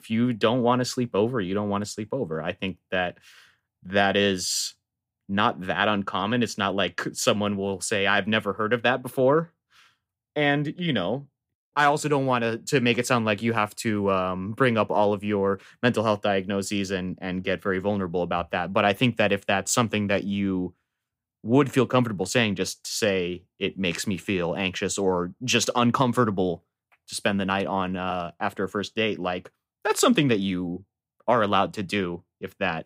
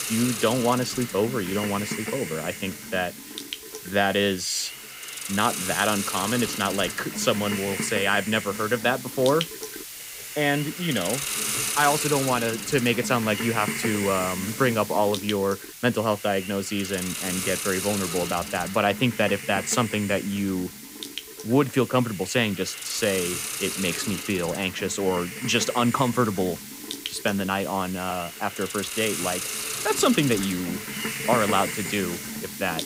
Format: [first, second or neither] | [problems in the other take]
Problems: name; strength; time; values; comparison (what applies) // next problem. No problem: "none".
first | hiss; loud; throughout; 5 dB below the speech